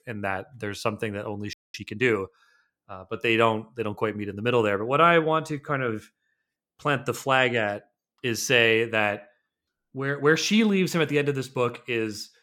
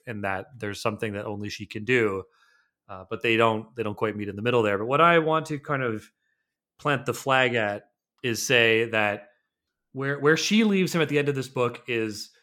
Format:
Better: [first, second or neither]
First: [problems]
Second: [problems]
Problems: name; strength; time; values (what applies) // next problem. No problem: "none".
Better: second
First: audio freezing; at 1.5 s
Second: none